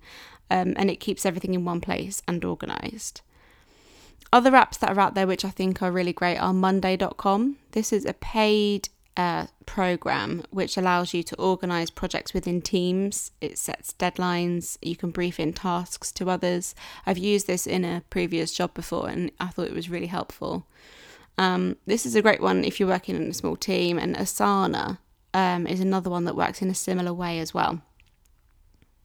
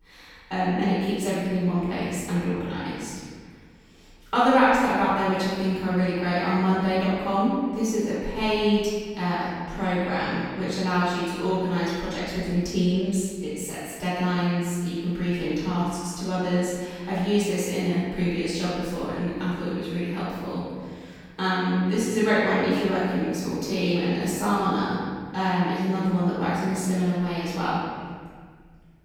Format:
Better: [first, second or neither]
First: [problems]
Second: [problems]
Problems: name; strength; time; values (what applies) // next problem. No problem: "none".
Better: first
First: none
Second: off-mic speech; far // room echo; strong; dies away in 1.8 s